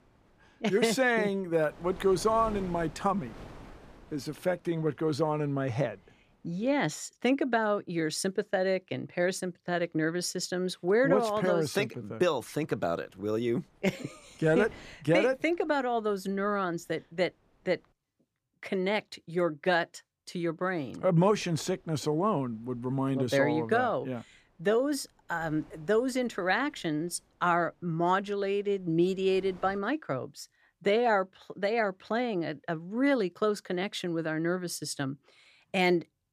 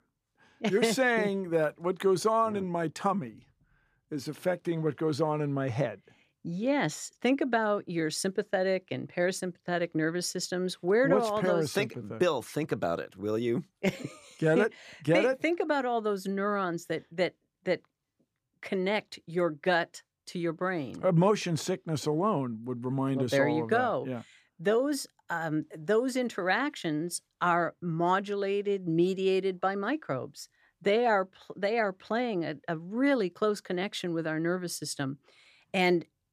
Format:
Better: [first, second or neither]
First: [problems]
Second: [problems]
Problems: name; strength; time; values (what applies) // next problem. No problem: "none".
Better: second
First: wind noise on the microphone; occasional gusts; until 7 s, from 12 to 18 s and from 21 to 30 s; 25 dB below the speech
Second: none